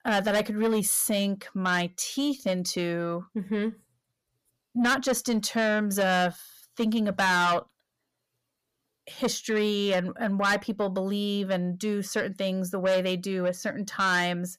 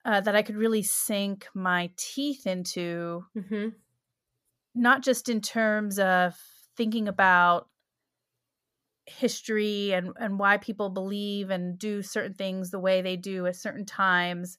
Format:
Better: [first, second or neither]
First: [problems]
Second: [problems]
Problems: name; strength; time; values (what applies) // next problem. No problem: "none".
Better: second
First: distortion; heavy; 8 dB below the speech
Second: none